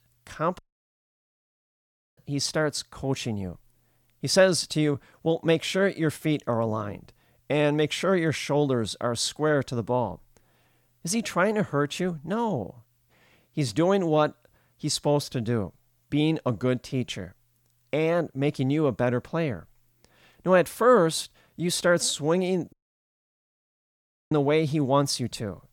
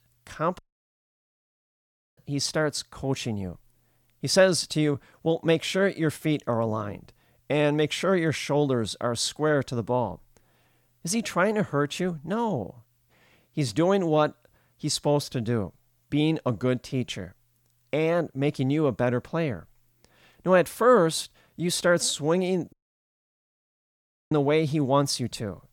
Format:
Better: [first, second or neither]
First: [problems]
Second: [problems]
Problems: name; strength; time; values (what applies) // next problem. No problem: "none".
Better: neither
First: audio cutting out; at 0.5 s for 1.5 s and at 23 s for 1.5 s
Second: audio cutting out; at 0.5 s for 1.5 s and at 23 s for 1.5 s